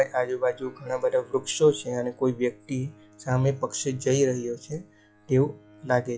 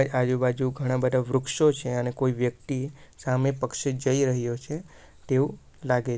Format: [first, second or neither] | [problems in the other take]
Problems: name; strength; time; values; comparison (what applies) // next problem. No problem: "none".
second | noise reduction (classical method log-MMSE)